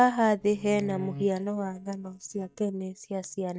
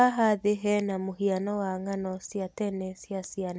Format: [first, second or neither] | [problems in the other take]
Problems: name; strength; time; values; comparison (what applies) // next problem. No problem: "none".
second | noise reduction (neural mask model DeepFilterNet 3)